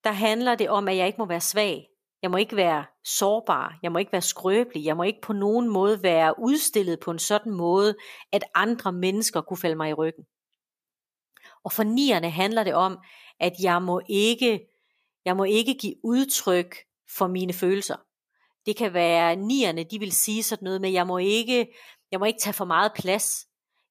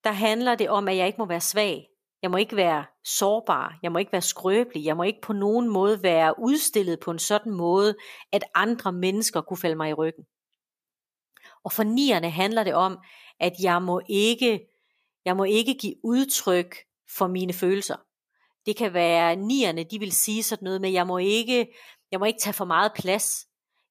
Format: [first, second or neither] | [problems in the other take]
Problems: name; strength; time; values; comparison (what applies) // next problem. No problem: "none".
neither | none